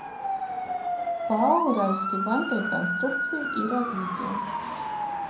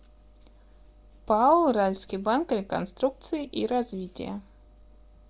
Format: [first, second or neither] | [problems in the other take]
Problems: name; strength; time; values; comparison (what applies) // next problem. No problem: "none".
second | background sound (Motor vehicle (road) / Siren); 1 dB below the speech // room echo; dies away in 0.5 s